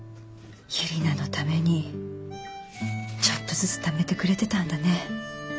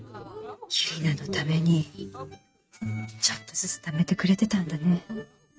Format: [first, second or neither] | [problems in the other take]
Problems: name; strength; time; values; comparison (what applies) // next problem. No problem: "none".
first | noise reduction (neural mask model RNNoise)